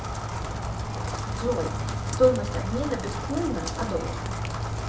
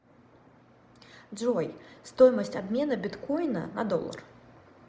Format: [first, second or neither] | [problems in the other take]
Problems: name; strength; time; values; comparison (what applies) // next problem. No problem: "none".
second | background sound (Rain); 1 dB below the speech // room echo; dies away in 0.3 s